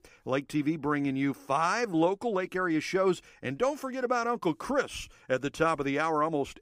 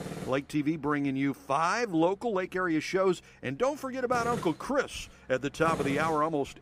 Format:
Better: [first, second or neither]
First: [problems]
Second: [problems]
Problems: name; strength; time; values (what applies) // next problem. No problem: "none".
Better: first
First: none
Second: machinery noise; noticeable; throughout; 10 dB below the speech